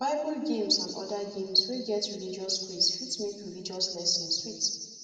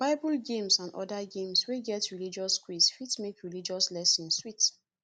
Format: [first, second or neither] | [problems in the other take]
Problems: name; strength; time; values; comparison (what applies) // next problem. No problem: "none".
second | room echo; dies away in 1.6 s